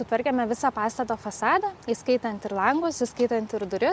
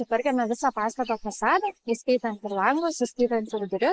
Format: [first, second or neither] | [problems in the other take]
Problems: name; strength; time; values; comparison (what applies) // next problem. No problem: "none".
first | noise reduction (neural mask model Resemble Enhance denoiser)